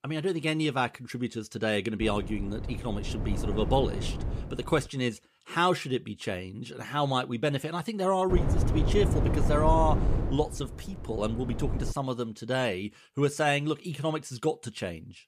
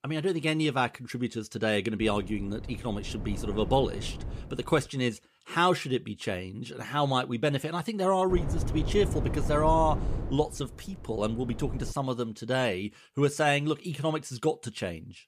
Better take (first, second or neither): second